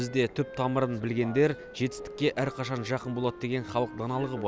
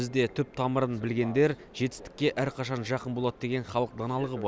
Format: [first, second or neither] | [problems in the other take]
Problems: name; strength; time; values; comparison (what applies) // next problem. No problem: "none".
second | background sound (Wind instrument, woodwind instrument); 16 dB below the speech